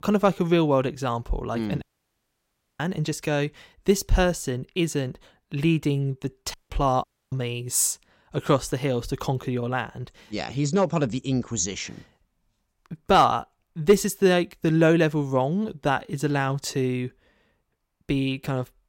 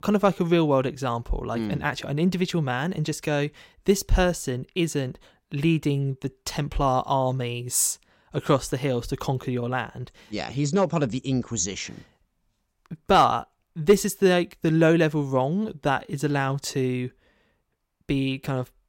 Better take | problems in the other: second | audio cutting out; at 2 s for 1 s, at 6.5 s and at 7 s

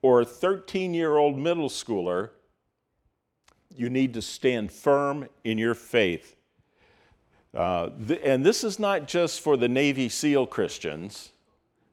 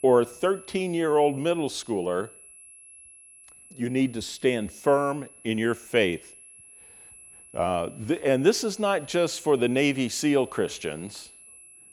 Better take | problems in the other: first | high-pitched whine; faint; throughout; 11 kHz, 20 dB below the speech

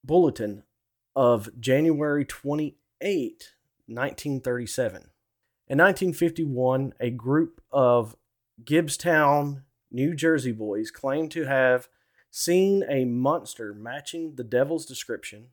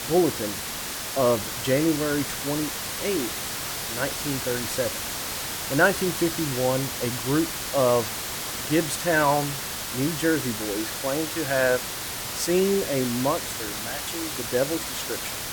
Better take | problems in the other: first | hiss; loud; throughout; 3 dB below the speech

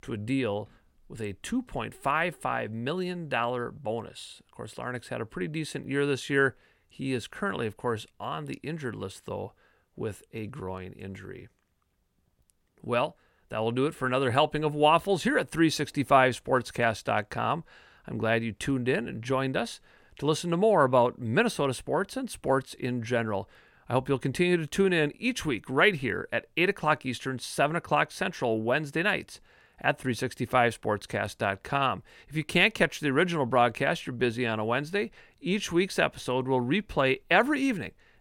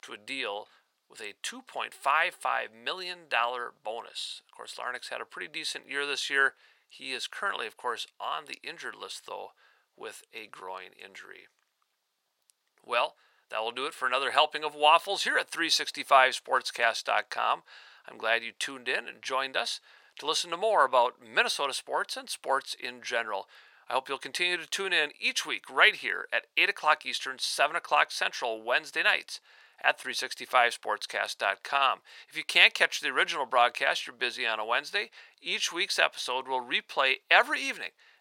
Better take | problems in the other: first | thin; very; fading below 850 Hz

